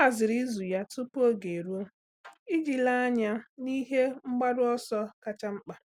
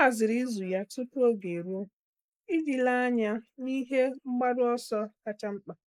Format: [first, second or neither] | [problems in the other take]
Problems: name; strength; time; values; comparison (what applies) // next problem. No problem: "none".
first | noise reduction (neural mask model Resemble Enhance denoiser)